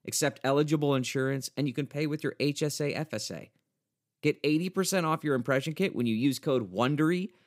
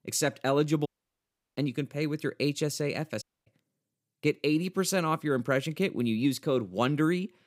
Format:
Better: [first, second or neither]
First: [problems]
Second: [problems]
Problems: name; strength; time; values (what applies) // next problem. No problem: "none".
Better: first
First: none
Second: audio cutting out; at 1 s for 0.5 s and at 3 s